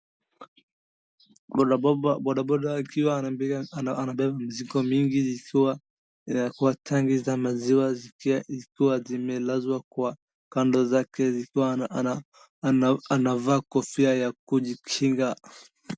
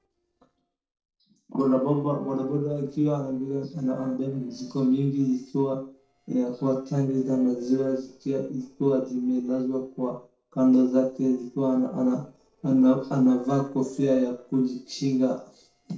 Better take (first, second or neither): first